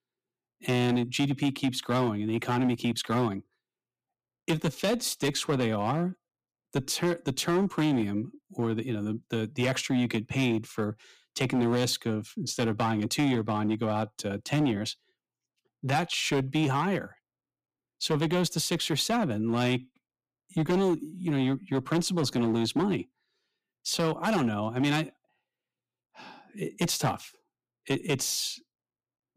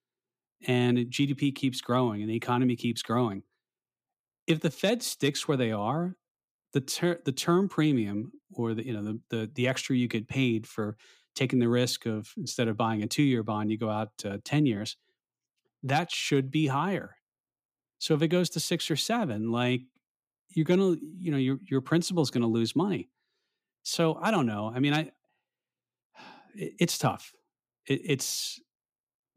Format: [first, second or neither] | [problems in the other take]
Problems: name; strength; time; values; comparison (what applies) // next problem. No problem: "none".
second | distortion; slight; 7% of the sound clipped